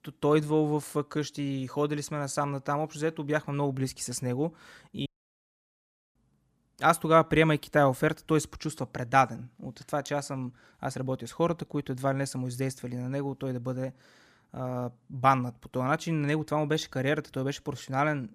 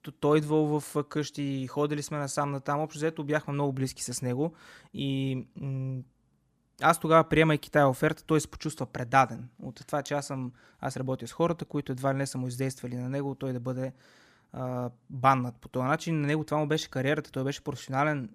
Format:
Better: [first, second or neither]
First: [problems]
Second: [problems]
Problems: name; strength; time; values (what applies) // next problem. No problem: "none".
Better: second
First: audio cutting out; at 5 s for 1 s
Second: none